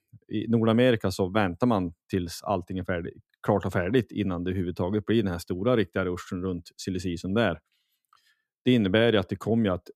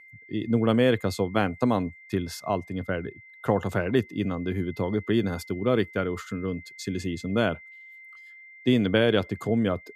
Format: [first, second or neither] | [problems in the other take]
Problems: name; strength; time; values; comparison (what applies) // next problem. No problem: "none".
first | high-pitched whine; noticeable; throughout; 2 kHz, 20 dB below the speech